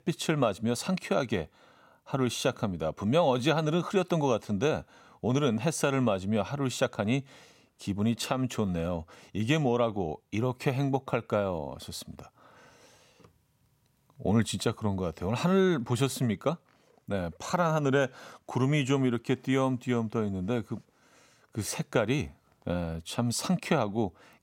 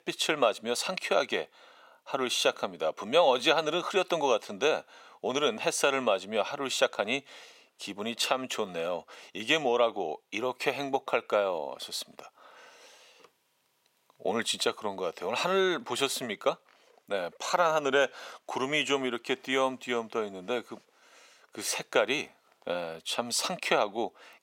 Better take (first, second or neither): first